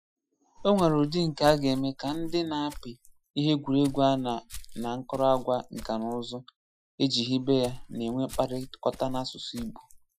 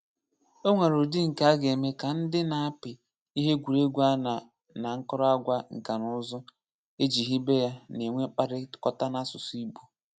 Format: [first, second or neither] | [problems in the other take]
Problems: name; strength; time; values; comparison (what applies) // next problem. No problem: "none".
second | noise reduction (classical method Wiener filter)